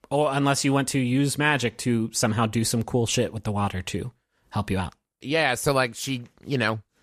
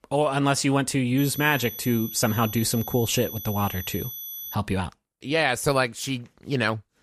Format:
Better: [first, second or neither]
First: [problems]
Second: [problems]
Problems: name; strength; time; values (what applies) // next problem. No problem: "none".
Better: first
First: none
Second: high-pitched whine; loud; from 1 to 4.5 s; 12 kHz, 10 dB below the speech